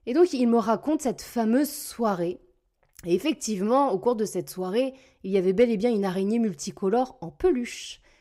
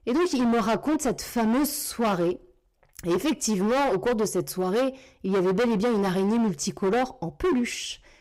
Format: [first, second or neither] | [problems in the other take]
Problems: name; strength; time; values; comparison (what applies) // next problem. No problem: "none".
first | distortion; heavy; 21% of the sound clipped